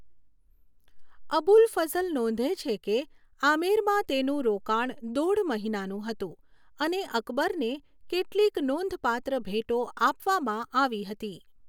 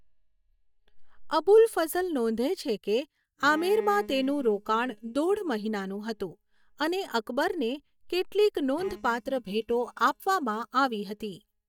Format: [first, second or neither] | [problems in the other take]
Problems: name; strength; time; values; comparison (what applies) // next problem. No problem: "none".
first | noise reduction (neural mask model DeepFilterNet 3)